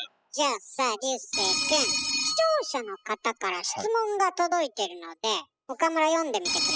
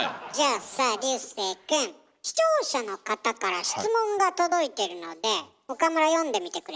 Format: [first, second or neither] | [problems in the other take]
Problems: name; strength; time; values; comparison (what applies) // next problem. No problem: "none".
second | noise reduction (classical method spectral subtraction)